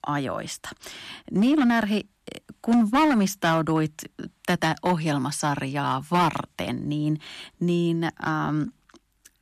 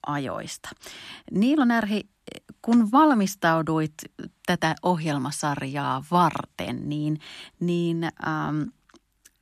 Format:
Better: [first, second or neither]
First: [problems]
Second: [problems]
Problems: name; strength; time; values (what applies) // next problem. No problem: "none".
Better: second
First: distortion; slight; 4% of the sound clipped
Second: none